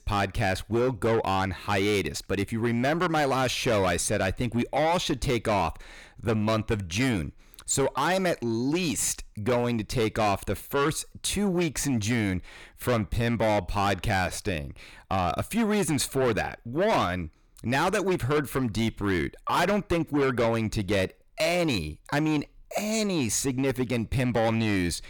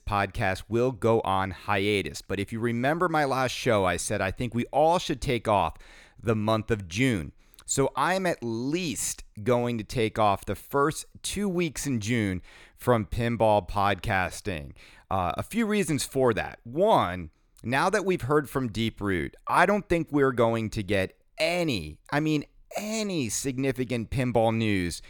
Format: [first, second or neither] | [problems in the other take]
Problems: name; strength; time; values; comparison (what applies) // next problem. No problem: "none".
second | distortion; heavy; 8 dB below the speech